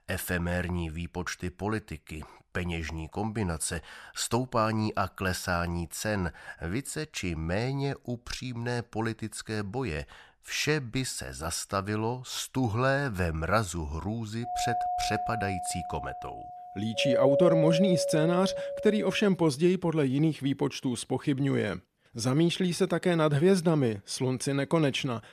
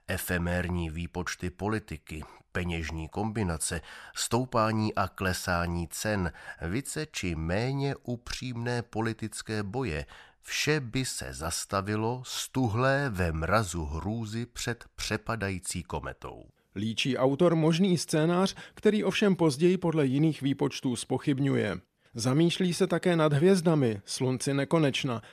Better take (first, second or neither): second